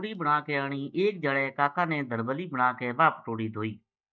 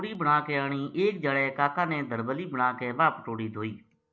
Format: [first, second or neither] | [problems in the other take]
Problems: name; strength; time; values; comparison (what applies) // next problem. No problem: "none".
second | noise reduction (neural mask model DeepFilterNet 3)